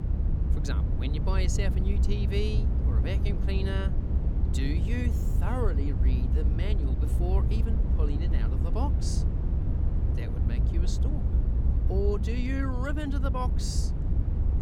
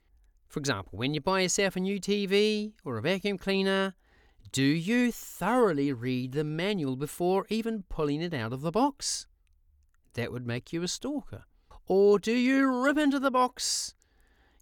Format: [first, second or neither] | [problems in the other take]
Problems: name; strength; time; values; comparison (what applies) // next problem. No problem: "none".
second | low rumble; loud; throughout; 4 dB below the speech